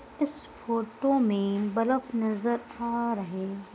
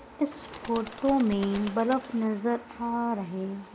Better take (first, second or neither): first